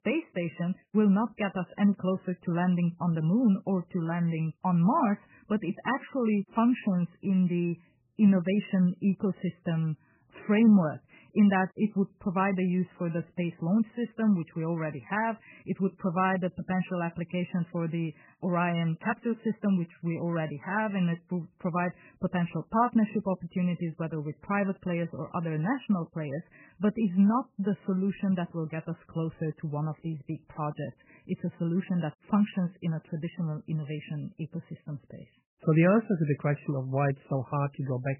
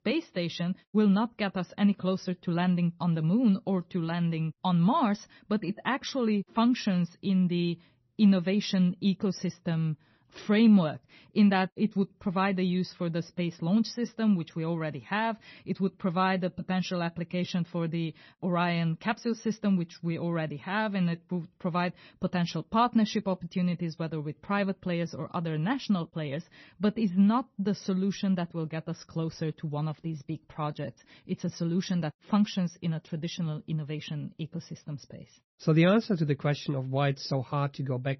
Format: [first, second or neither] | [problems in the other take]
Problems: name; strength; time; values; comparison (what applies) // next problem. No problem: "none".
second | garbled, watery; badly; nothing above 3 kHz; slightly in the second